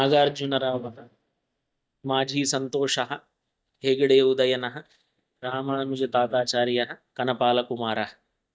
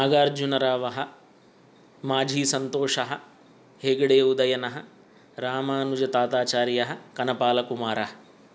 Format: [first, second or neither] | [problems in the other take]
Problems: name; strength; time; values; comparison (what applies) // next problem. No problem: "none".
second | noise reduction (neural mask model DeepFilterNet 3)